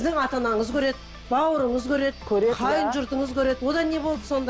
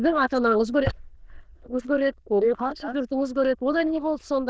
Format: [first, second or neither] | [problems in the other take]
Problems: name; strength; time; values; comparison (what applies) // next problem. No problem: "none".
first | noise reduction (neural diffusion model UNIVERSE++)